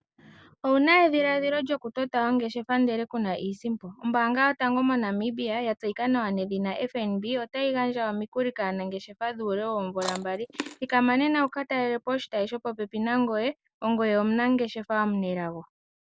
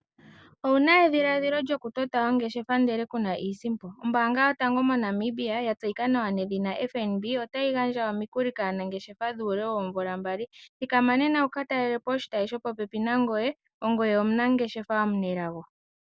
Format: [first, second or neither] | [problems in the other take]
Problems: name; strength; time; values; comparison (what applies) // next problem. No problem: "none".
second | background sound (Chewing, mastication); 13 dB below the speech